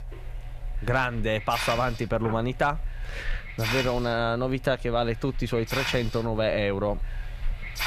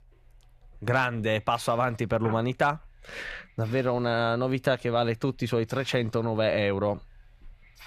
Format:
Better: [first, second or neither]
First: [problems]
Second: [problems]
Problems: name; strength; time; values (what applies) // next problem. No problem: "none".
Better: second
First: hiss; loud; throughout; 8 dB below the speech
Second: hiss; faint; throughout; 30 dB below the speech